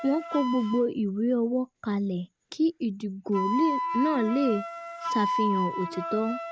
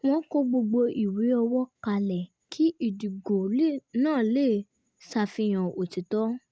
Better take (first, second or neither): second